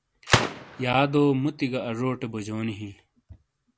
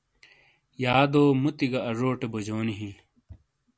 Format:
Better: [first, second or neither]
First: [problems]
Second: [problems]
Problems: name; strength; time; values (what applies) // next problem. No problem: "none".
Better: second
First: background sound (Gunshot, gunfire); 5 dB below the speech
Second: none